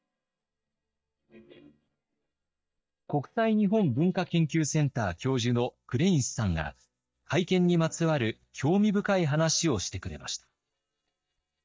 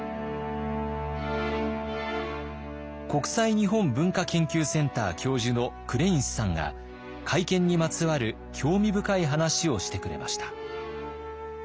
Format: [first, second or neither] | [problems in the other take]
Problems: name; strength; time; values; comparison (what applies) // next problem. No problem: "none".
second | noise reduction (neural mask model DeepFilterNet 3)